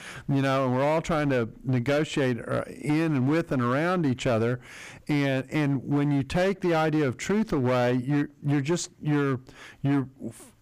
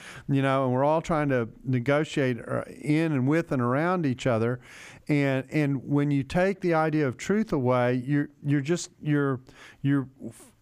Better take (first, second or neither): second